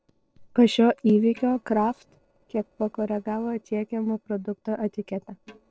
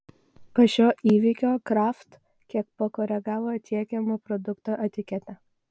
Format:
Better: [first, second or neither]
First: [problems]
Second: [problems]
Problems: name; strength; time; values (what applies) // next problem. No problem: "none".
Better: second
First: noise reduction (neural separator model SepFormer DNS4)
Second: none